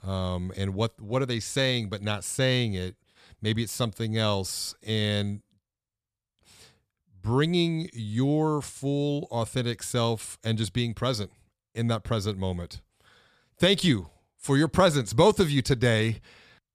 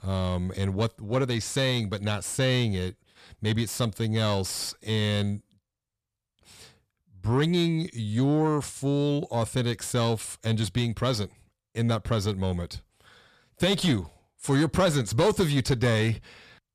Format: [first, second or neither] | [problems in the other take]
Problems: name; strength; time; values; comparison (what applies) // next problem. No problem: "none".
first | distortion; slight; 10 dB below the speech